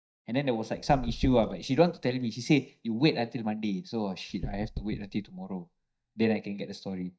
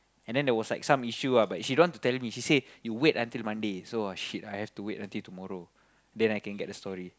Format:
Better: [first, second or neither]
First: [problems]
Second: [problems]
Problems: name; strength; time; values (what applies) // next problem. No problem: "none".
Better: second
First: noise reduction (neural mask model DeepFilterNet 3)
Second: none